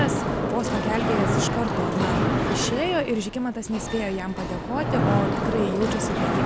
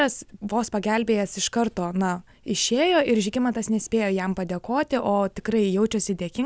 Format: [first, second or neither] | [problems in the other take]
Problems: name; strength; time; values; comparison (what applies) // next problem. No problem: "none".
second | background sound (Mechanisms); 3 dB above the speech